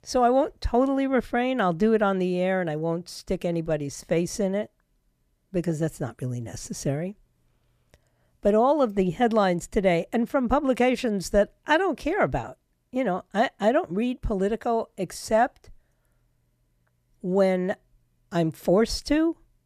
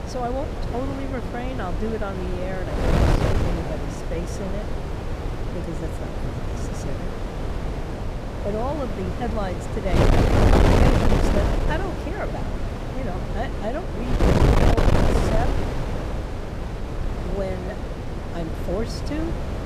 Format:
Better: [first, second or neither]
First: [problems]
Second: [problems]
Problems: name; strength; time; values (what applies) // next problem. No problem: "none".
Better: first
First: none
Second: wind noise on the microphone; heavy; 3 dB above the speech